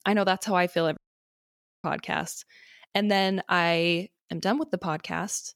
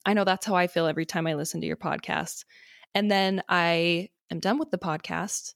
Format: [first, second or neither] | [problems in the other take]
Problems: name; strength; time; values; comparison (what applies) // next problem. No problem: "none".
second | audio cutting out; at 1 s for 1 s